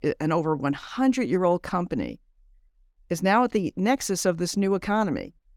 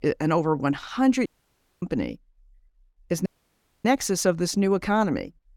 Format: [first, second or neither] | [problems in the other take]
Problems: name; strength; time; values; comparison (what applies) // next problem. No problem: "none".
first | audio cutting out; at 1.5 s for 0.5 s and at 3.5 s for 0.5 s